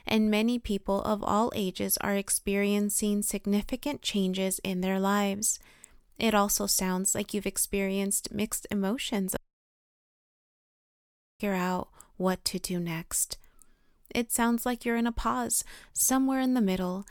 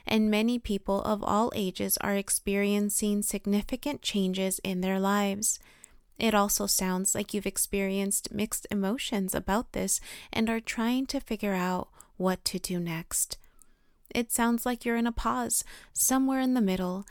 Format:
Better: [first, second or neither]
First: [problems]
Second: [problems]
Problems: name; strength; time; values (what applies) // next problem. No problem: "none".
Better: second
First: audio cutting out; at 9.5 s for 2 s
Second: none